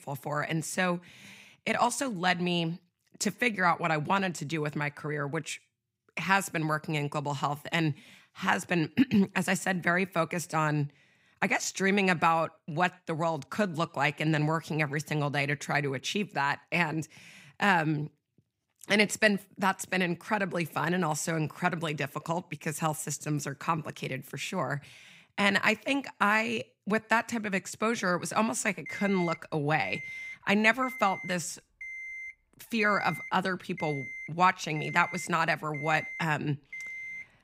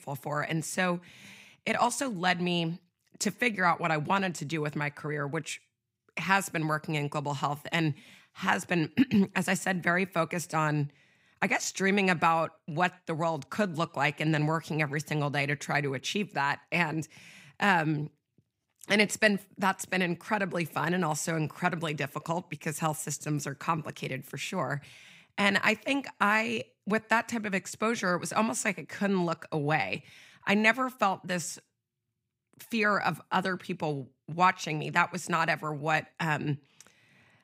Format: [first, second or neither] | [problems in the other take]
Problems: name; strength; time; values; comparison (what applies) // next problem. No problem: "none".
second | alarm; noticeable; from 29 s on; peak 8 dB below the speech